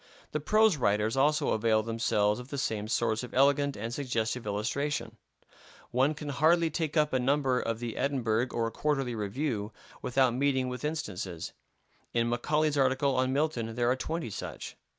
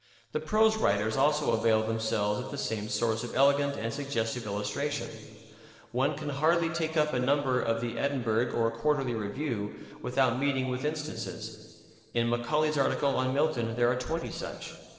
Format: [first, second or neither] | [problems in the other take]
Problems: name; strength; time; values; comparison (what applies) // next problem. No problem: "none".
first | noise reduction (neural separator model SepFormer DNS4)